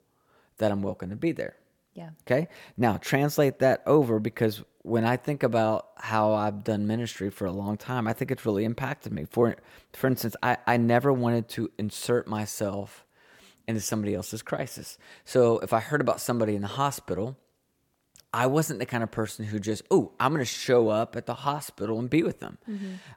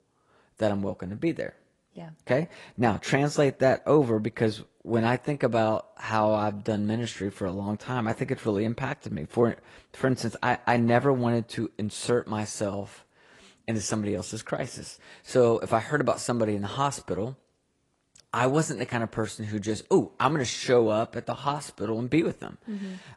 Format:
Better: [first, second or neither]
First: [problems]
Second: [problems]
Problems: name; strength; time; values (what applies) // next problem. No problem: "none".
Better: first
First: none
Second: garbled, watery; slightly; nothing above 11 kHz